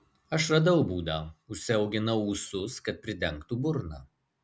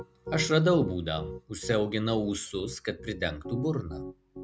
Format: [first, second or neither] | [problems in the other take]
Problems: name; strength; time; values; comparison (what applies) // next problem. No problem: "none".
first | background sound (Piano); 12 dB below the speech